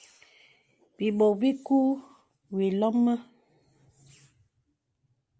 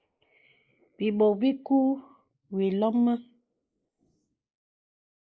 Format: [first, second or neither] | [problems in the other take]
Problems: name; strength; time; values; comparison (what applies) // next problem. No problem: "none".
first | noise reduction (neural mask model Resemble Enhance denoiser)